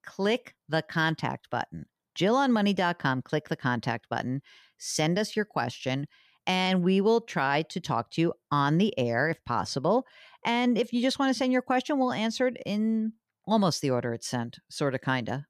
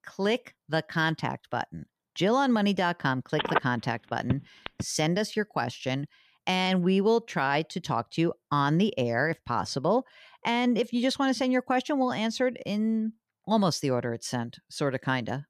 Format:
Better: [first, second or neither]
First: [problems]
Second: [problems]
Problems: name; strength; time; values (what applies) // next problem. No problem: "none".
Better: first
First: none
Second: phone ringing; noticeable; from 3.5 to 5 s; peak 1 dB below the speech